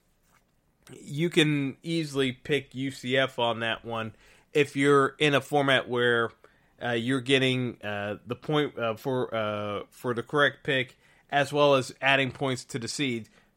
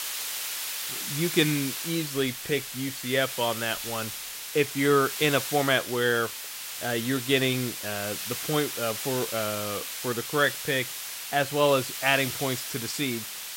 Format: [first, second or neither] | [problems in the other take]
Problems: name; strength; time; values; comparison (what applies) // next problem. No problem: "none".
first | hiss; loud; throughout; 5 dB below the speech